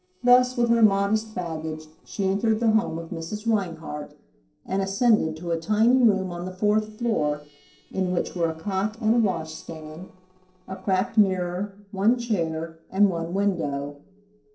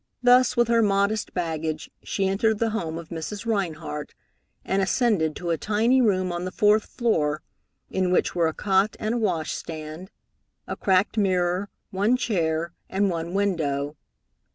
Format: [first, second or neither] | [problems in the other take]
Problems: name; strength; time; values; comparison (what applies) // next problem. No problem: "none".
second | noise reduction (neural separator model SepFormer DNS4)